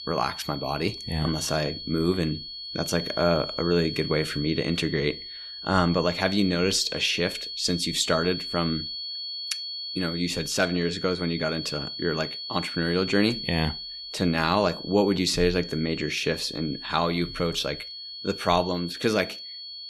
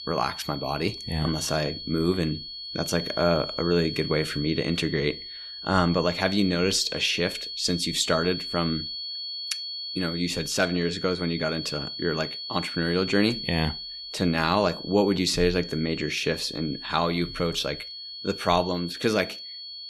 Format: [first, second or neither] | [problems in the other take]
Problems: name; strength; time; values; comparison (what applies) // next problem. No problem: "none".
neither | high-pitched whine; loud; throughout; 4.5 kHz, 7 dB below the speech; the same in both